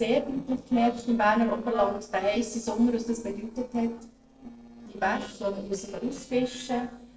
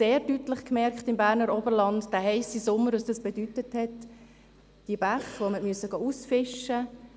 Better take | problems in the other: second | noise reduction (neural separator model SepFormer DNS4)

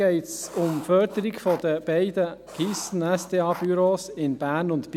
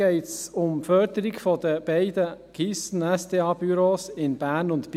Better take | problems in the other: second | background sound (Writing); 18 dB below the speech

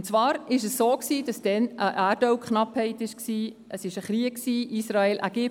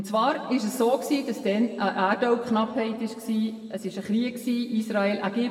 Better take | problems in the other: first | room echo; dies away in 2 s

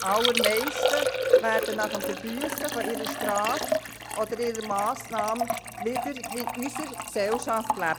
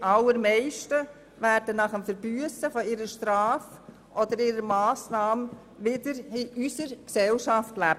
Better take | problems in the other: second | background sound (Liquid); as loud as the speech

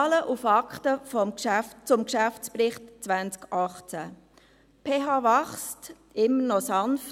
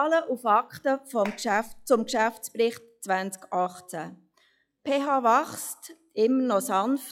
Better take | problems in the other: first | noise reduction (classical method log-MMSE)

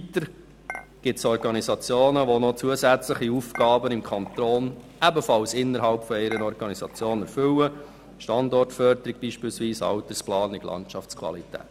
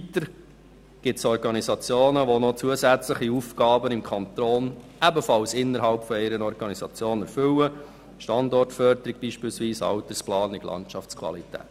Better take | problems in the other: second | background sound (Dishes, pots, and pans / Chink, clink); 18 dB below the speech

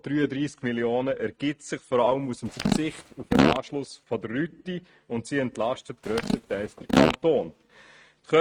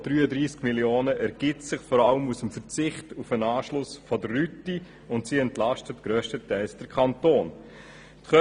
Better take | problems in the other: second | noise reduction (neural mask model RNNoise)

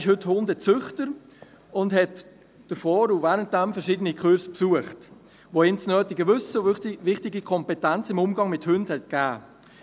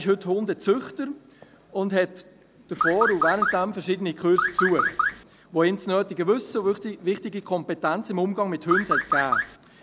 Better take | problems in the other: first | background sound (Car); as loud as the speech

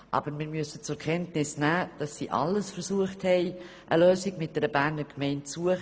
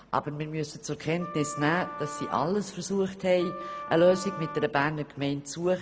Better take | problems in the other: first | background sound (Wind instrument, woodwind instrument); 11 dB below the speech

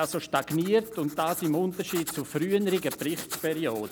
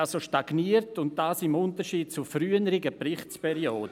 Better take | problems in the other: second | background sound (Writing); 14 dB below the speech

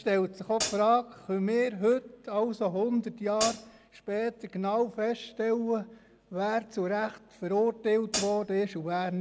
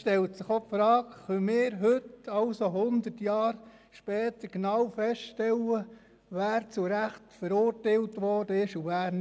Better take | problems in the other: second | background sound (Hi-hat); 5 dB below the speech

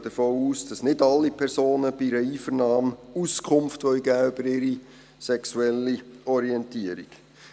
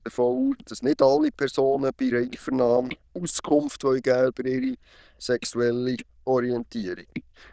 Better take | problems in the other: first | noise reduction (neural diffusion model UNIVERSE++)

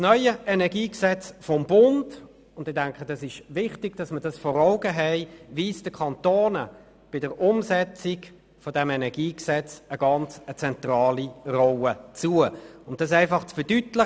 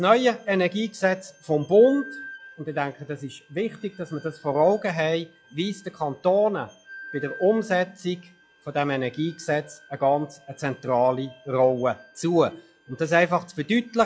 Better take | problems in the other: first | noise reduction (classical method log-MMSE)

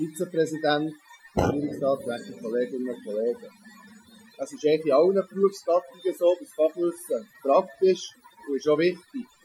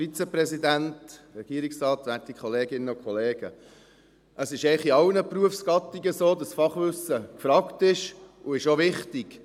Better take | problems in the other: second | noise reduction (classical method Wiener filter)

